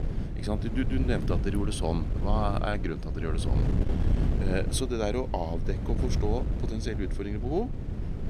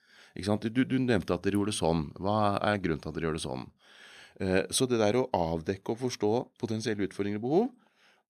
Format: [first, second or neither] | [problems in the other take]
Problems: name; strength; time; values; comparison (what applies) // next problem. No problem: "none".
second | wind noise on the microphone; heavy; 7 dB below the speech